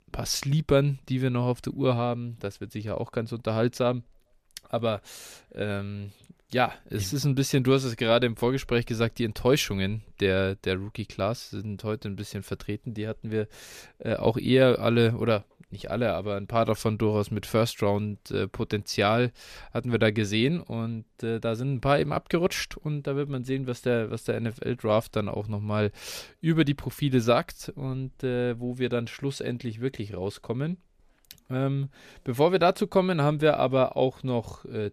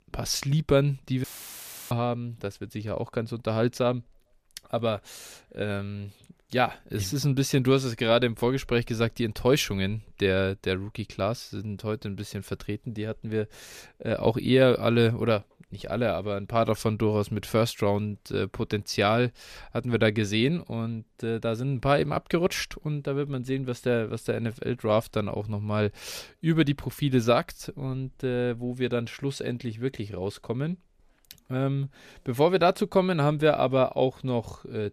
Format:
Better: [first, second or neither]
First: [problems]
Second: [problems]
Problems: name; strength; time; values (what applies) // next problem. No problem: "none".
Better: first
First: none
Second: audio cutting out; filled with static; at 1 s for 0.5 s